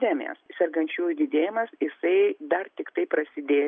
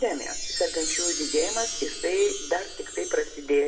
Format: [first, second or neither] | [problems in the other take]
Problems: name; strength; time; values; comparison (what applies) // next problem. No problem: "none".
first | background sound (Chime); 4 dB below the speech // room echo; dies away in 1.1 s